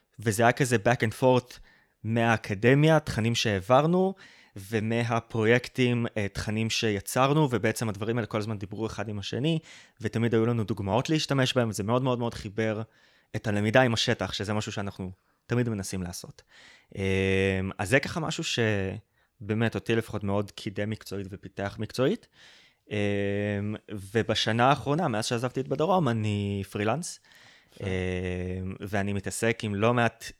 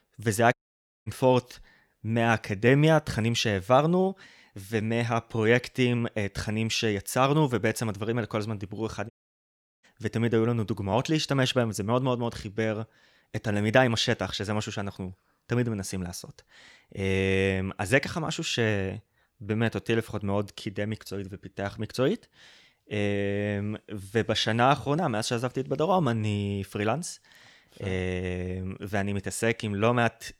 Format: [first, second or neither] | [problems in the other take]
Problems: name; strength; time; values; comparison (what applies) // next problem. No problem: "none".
first | audio cutting out; at 0.5 s for 0.5 s and at 9 s for 0.5 s